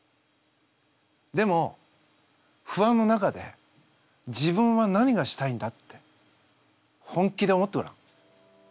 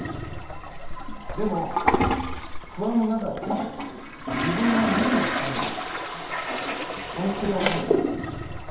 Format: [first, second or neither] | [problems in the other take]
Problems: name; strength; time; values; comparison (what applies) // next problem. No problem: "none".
first | background sound (Toilet flush); 2 dB above the speech // room echo; dies away in 0.8 s